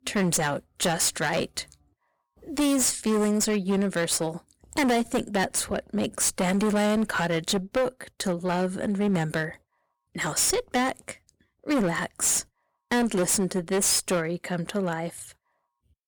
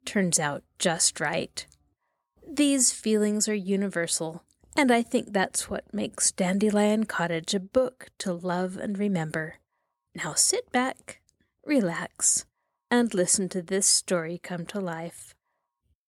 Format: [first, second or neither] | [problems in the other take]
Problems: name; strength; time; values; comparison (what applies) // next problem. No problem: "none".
second | distortion; heavy; 17% of the sound clipped